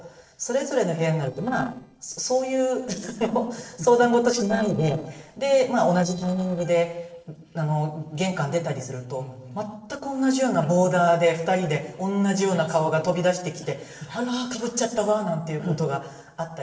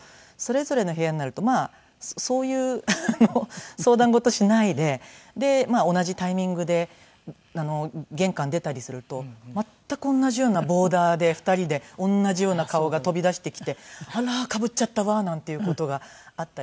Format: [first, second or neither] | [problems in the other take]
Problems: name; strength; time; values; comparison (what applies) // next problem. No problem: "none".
second | noise reduction (neural separator model SepFormer DNS4)